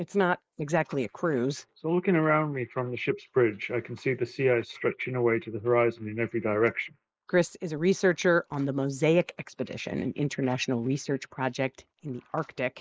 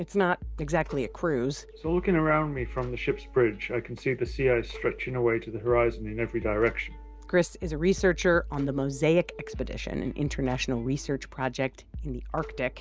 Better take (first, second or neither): second